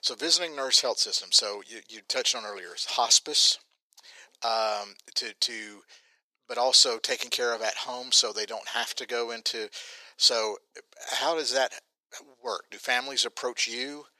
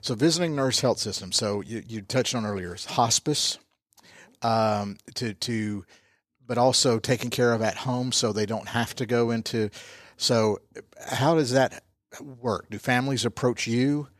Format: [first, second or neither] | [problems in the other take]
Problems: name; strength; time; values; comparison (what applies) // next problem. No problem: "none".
second | thin; very; fading below 450 Hz